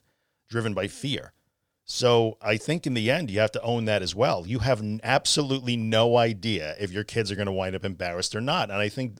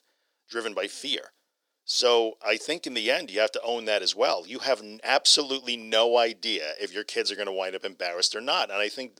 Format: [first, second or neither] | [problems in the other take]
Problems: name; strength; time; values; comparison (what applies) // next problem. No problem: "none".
first | thin; somewhat; fading below 350 Hz